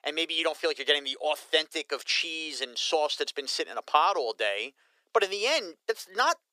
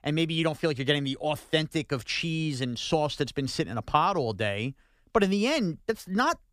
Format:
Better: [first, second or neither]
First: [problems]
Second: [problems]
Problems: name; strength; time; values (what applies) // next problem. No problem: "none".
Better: second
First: thin; very; fading below 400 Hz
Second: none